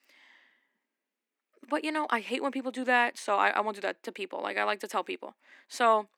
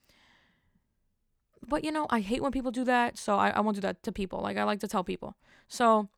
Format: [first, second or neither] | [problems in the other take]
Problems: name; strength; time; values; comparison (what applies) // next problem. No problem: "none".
second | thin; very slightly; fading below 250 Hz